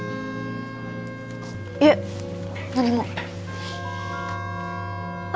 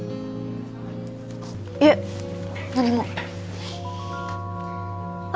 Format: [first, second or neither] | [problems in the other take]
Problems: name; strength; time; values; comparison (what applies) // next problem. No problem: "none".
second | background sound (Wind instrument, woodwind instrument); 14 dB below the speech